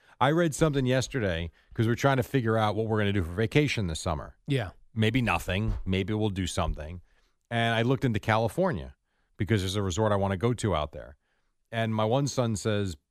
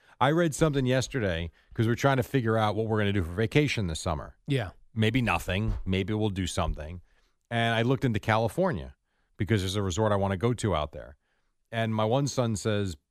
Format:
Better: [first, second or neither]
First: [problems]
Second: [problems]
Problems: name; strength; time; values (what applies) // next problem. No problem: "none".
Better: neither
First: none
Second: none